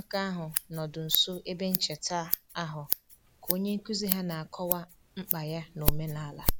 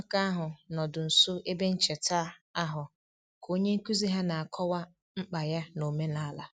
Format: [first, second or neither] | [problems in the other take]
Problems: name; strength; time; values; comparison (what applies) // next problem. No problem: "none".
second | background sound (Scissors); as loud as the speech